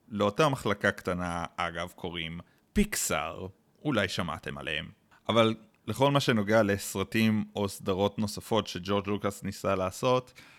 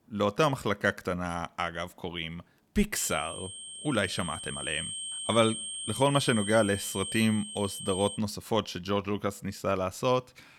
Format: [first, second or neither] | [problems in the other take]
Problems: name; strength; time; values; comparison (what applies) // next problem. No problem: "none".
first | high-pitched whine; loud; from 3 to 8 s; 8.5 kHz, 7 dB below the speech